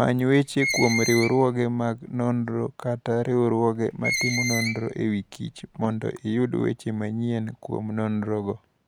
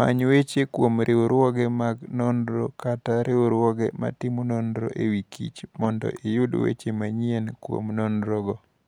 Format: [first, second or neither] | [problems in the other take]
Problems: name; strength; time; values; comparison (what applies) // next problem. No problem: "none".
second | background sound (Screech); 7 dB below the speech